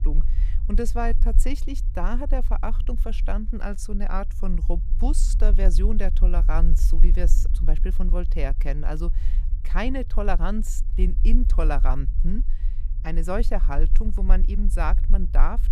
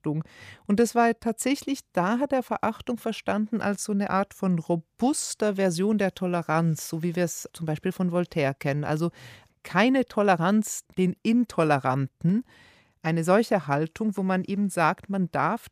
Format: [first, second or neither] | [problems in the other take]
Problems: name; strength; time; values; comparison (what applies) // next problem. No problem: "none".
second | low rumble; noticeable; throughout; 15 dB below the speech